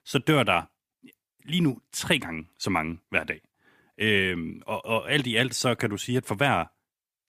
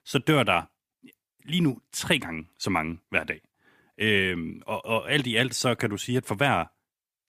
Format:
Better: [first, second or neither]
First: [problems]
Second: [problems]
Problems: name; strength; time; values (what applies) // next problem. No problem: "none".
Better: neither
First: none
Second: none